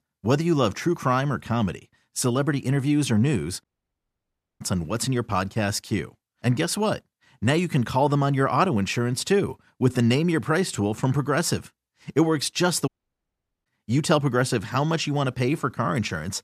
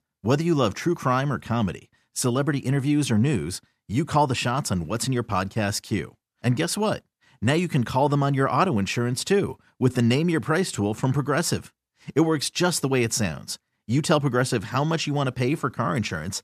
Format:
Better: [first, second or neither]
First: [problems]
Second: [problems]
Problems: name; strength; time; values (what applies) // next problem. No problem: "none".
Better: second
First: audio cutting out; at 3.5 s for 1 s and at 13 s for 1 s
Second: none